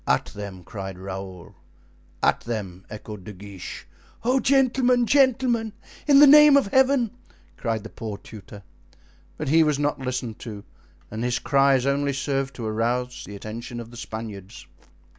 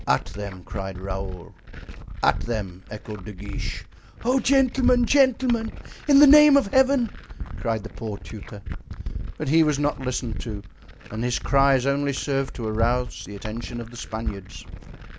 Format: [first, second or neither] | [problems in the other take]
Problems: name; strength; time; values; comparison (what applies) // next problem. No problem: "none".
first | background sound (Glass); 8 dB below the speech